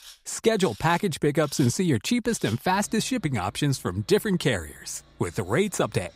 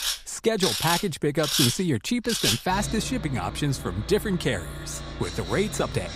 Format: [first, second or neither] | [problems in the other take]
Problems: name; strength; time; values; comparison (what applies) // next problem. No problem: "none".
first | machinery noise; loud; throughout; 3 dB below the speech; faint in the first